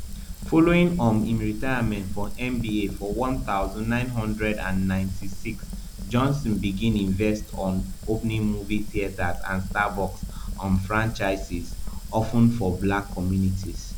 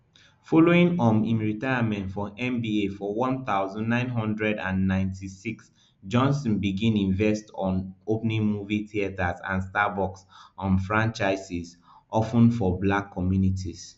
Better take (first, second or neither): second